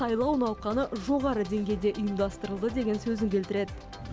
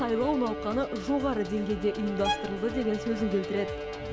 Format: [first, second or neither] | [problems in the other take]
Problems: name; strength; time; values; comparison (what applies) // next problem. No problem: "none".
first | background sound (Bowed string instrument + Bowed string instrument); 6 dB below the speech